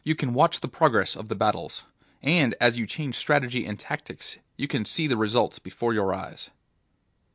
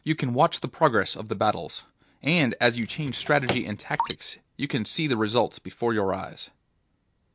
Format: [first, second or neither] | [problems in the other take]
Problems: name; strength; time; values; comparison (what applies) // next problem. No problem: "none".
first | background sound (Drawer open or close + Drip); 10 dB below the speech